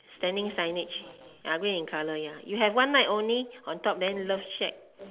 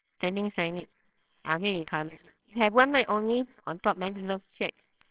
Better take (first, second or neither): first